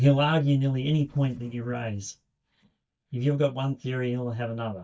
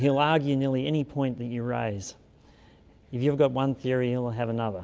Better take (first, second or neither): second